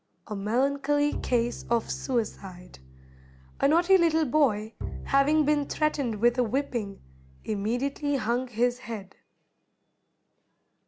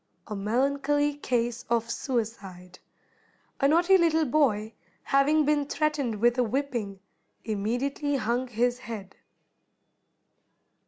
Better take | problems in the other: second | background sound (Bowed string instrument); 14 dB below the speech

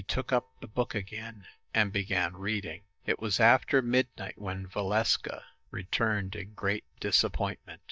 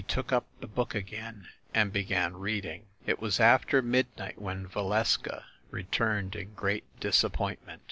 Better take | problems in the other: second | noise reduction (neural mask model DeepFilterNet 3)

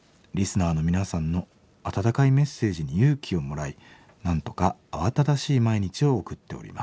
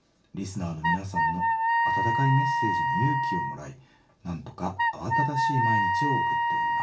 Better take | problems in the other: first | background sound (Wind instrument, woodwind instrument); 5 dB above the speech // room echo; dies away in 0.3 s

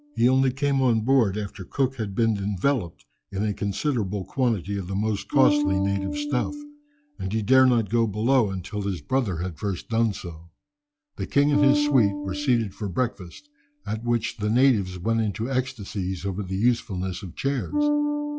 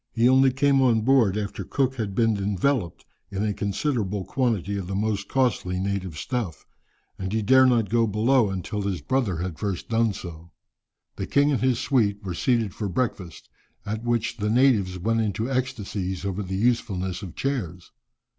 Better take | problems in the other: second | noise reduction (classical method log-MMSE)

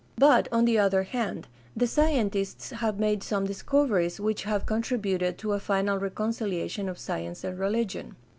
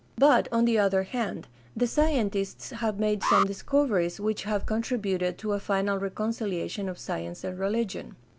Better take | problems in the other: first | background sound (Alarm); 5 dB below the speech

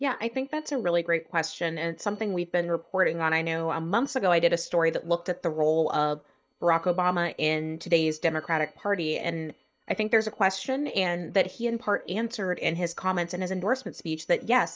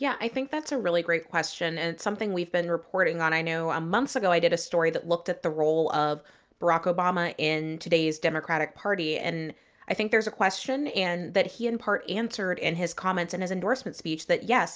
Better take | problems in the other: second | noise reduction (neural mask model DeepFilterNet 3)

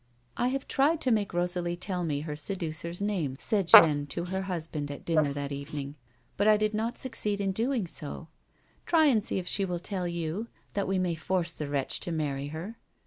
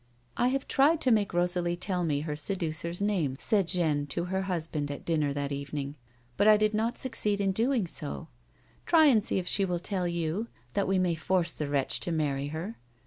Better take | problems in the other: second | noise reduction (neural mask model Resemble Enhance denoiser)

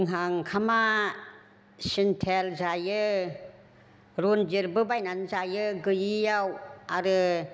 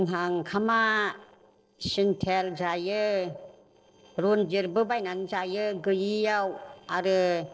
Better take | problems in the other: first | noise reduction (neural separator model SepFormer DNS4)

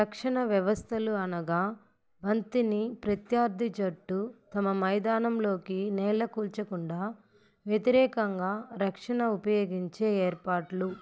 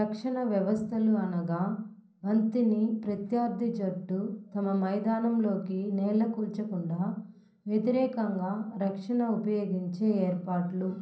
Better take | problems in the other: first | room echo; dies away in 0.6 s

